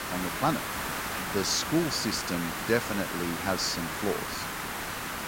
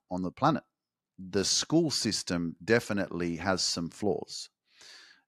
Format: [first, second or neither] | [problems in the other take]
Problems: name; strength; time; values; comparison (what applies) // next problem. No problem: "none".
second | hiss; loud; throughout; 3 dB below the speech